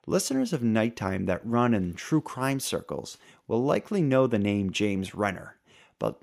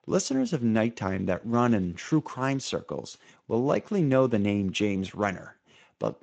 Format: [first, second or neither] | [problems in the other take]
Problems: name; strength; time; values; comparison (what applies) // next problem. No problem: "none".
first | garbled, watery; slightly; nothing above 7.5 kHz